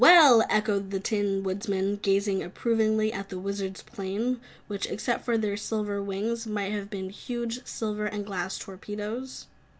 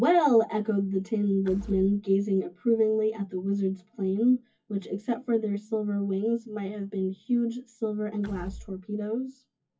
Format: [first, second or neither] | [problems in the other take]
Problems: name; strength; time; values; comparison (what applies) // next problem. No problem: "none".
first | noise reduction (classical method WPE with log-MMSE)